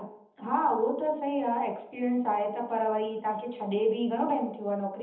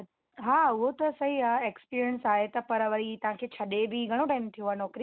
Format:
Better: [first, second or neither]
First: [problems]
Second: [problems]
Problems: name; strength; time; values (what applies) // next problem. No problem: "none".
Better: second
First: room echo; dies away in 0.8 s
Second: none